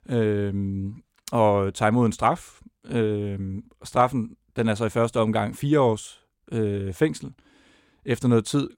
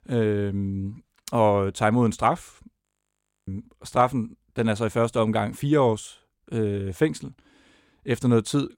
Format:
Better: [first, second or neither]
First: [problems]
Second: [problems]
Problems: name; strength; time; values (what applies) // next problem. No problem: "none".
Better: first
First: none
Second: audio freezing; at 3 s for 0.5 s